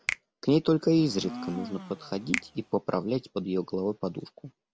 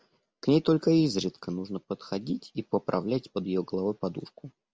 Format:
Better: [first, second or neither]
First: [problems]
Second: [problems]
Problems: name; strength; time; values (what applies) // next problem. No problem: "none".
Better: second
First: background sound (Finger snapping + Domestic sounds, home sounds); 11 dB below the speech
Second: none